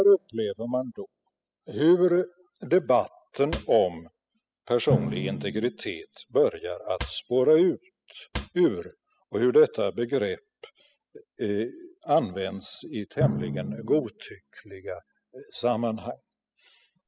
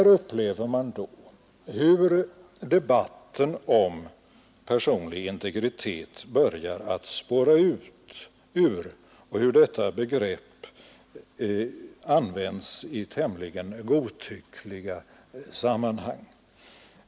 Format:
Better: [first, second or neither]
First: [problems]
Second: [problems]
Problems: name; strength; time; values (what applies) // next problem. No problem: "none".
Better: second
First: noise reduction (classical method spectral subtraction)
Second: none